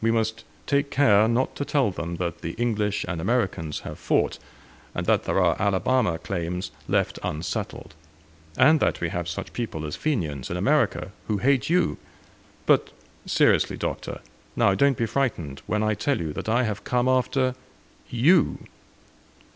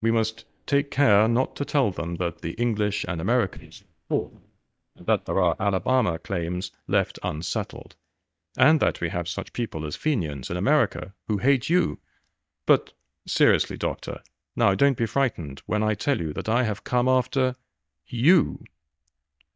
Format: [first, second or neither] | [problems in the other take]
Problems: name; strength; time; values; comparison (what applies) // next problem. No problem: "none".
first | noise reduction (neural mask model DeepFilterNet 3)